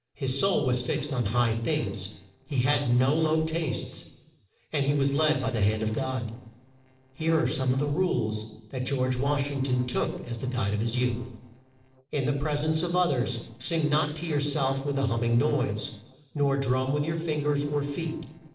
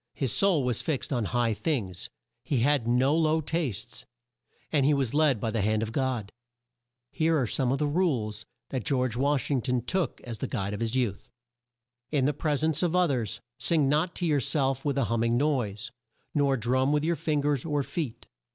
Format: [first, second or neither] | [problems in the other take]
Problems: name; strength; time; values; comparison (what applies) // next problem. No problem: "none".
second | noise reduction (neural separator model SepFormer DNS4)